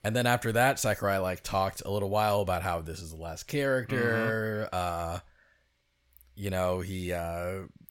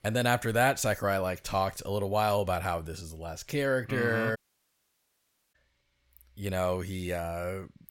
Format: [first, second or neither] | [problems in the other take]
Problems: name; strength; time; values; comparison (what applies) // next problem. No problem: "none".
first | audio cutting out; at 4.5 s for 1 s